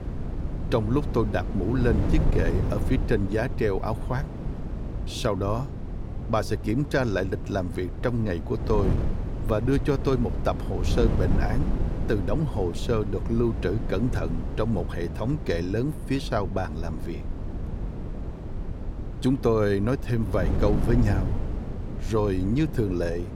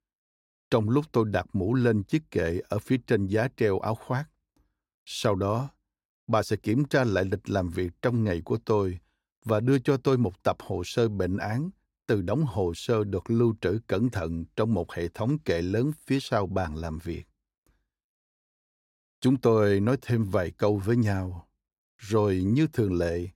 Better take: second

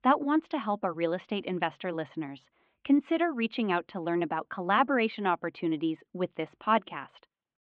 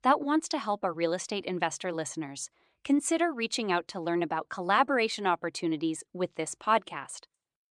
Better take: second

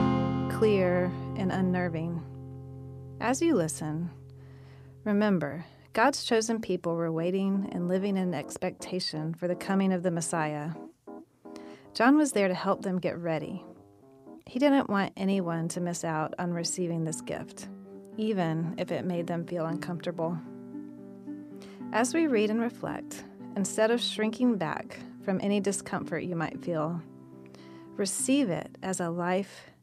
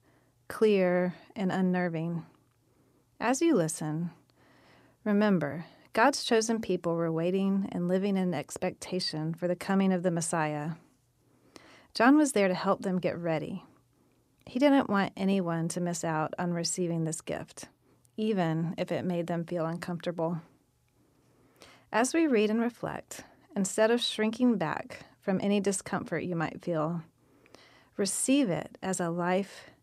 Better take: second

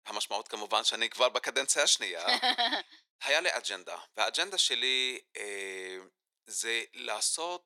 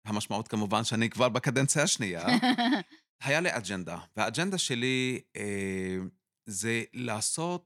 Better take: second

